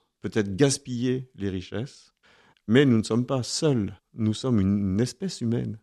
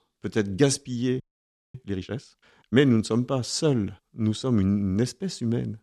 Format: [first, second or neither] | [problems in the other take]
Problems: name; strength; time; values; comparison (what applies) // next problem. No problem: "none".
first | audio freezing; at 1 s for 0.5 s